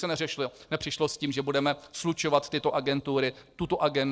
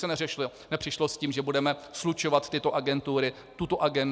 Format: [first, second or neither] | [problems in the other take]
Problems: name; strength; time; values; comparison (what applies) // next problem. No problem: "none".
second | noise reduction (neural separator model SepFormer DNS4)